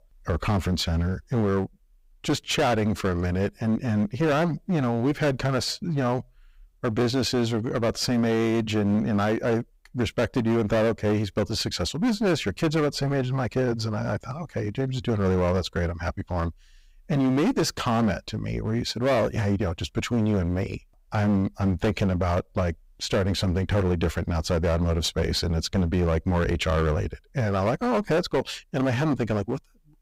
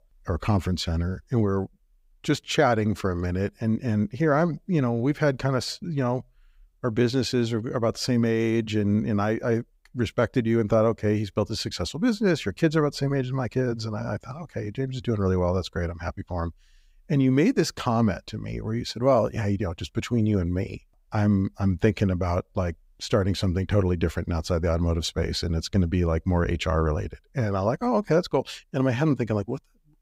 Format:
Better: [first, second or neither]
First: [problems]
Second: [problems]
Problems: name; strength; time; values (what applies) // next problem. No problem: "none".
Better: second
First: distortion; heavy; 15% of the sound clipped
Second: none